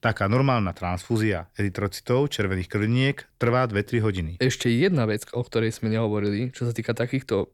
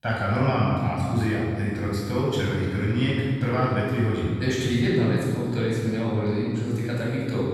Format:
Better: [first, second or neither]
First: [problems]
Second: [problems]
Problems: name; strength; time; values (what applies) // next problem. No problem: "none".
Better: first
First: none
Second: room echo; strong; dies away in 2.4 s // off-mic speech; far